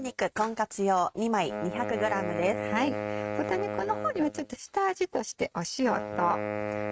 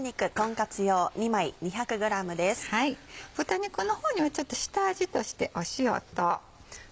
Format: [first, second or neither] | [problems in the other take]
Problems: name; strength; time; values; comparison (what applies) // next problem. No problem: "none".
second | noise reduction (neural mask model RNNoise)